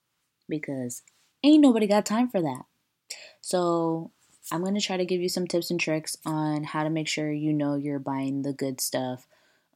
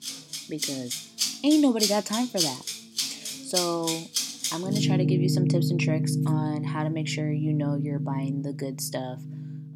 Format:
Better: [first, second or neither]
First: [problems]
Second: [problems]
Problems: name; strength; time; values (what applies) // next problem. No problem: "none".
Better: first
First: none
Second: background music; very loud; throughout; 1 dB above the speech